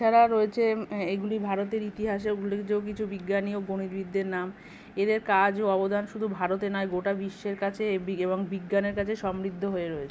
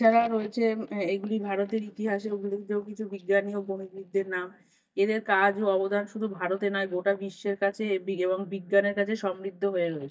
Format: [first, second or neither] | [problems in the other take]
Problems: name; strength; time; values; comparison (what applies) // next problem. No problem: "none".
first | noise reduction (neural mask model DeepFilterNet 3)